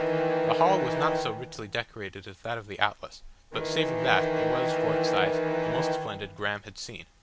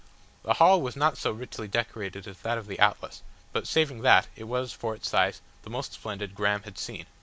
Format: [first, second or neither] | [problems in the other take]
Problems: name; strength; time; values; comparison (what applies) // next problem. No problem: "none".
second | background sound (Bowed string instrument); 2 dB above the speech